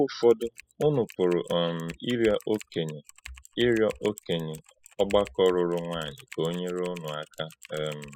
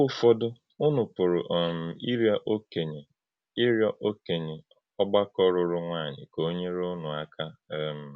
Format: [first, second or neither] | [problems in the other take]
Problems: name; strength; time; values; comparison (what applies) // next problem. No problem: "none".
second | noise reduction (classical method spectral subtraction)